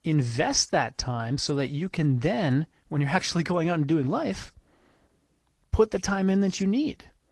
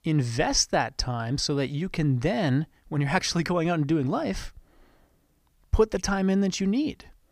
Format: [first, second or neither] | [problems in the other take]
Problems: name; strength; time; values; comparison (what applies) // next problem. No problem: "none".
second | garbled, watery; slightly; nothing above 11.5 kHz